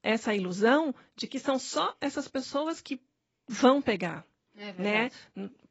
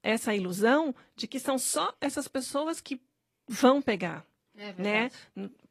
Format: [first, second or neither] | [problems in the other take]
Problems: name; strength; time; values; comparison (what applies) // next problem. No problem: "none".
second | garbled, watery; badly; nothing above 7.5 kHz; slightly in the second